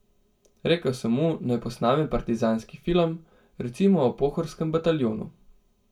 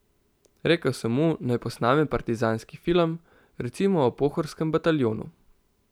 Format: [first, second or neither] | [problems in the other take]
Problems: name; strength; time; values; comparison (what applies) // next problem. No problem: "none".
second | room echo; dies away in 0.2 s